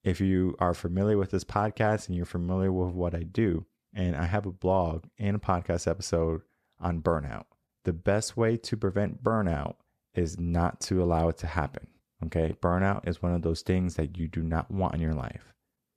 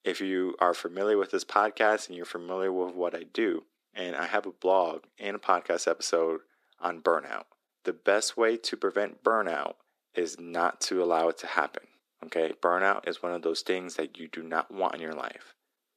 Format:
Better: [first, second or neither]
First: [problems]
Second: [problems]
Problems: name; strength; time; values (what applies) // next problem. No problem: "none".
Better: first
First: none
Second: thin; very; fading below 300 Hz